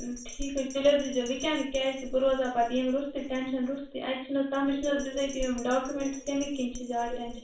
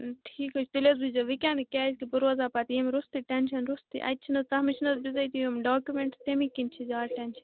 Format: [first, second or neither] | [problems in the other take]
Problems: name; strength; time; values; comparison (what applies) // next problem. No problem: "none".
second | background sound (Bell); 14 dB below the speech // room echo; dies away in 0.4 s